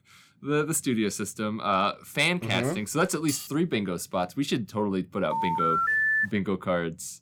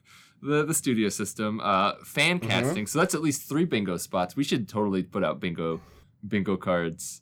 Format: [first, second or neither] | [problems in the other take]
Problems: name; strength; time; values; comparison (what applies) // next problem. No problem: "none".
second | clattering dishes; noticeable; at 3.5 s; peak 8 dB below the speech // phone ringing; loud; at 5.5 s; peak 6 dB above the speech